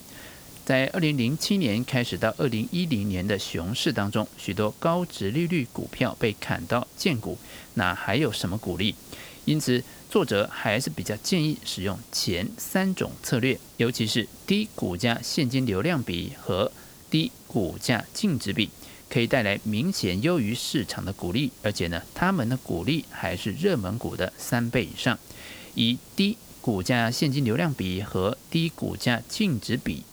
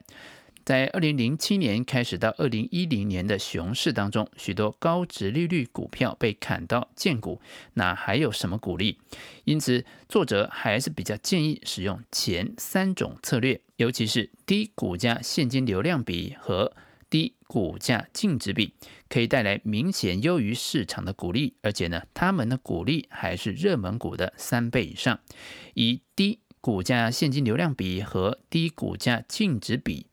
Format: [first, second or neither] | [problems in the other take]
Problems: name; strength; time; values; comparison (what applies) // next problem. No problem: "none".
second | hiss; noticeable; throughout; 20 dB below the speech